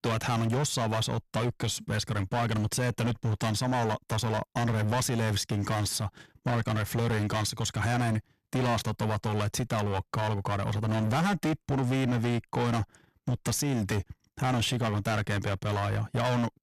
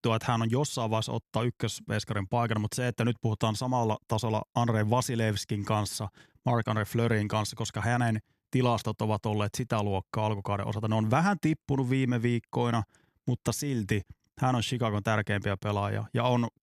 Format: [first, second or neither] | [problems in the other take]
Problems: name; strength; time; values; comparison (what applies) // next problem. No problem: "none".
second | distortion; heavy; 23% of the sound clipped